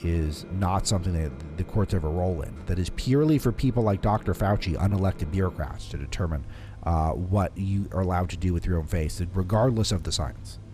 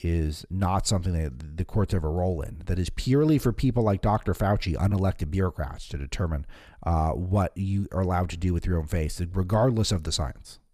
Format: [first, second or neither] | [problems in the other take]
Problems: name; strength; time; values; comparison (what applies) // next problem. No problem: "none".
second | household noises; noticeable; throughout; 15 dB below the speech